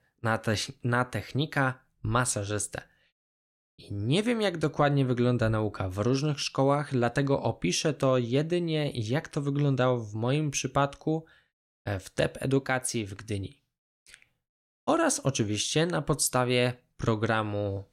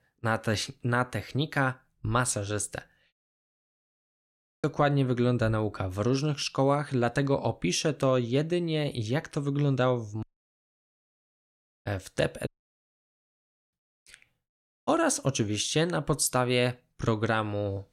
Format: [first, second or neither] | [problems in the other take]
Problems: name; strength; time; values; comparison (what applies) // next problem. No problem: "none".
first | audio cutting out; at 4 s for 1 s, at 10 s for 1.5 s and at 12 s for 1.5 s